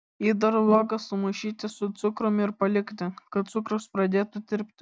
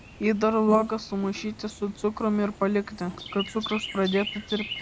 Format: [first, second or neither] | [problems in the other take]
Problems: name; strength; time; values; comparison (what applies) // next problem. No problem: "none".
first | background sound (Chirp, tweet); 13 dB below the speech